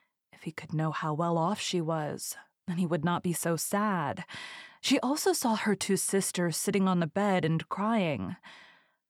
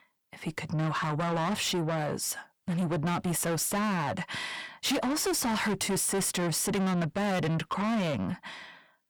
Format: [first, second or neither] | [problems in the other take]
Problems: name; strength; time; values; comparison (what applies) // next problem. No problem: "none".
first | distortion; heavy; 6 dB below the speech